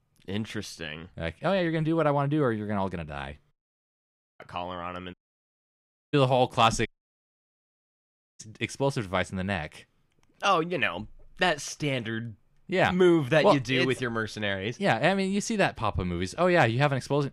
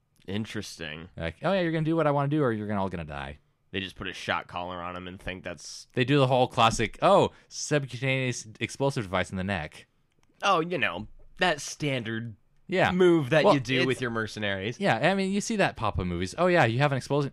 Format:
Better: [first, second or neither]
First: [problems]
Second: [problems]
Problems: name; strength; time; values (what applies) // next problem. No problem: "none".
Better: second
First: audio cutting out; at 3.5 s for 1 s, at 5 s for 1 s and at 7 s for 1.5 s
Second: none